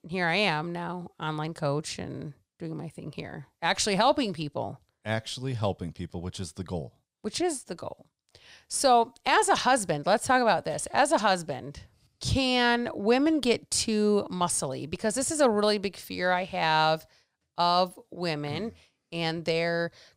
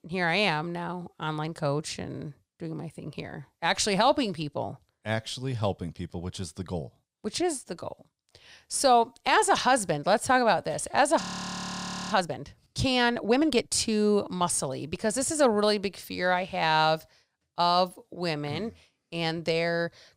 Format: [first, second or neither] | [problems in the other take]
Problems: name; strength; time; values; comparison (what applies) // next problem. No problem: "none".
first | audio freezing; at 11 s for 1 s